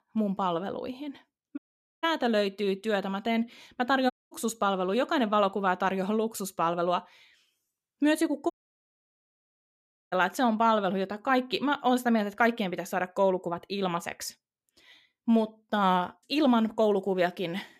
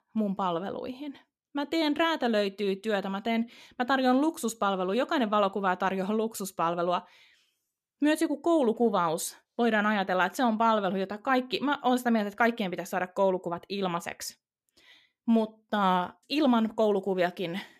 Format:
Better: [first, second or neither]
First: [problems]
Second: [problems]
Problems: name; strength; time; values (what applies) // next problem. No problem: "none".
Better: second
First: audio cutting out; at 1.5 s, at 4 s and at 8.5 s for 1.5 s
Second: none